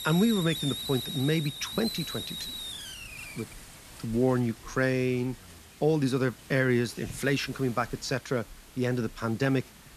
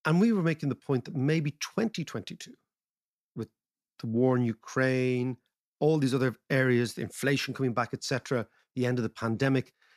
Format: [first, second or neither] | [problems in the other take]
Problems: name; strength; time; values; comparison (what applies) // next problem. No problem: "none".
second | hiss; loud; throughout; 9 dB below the speech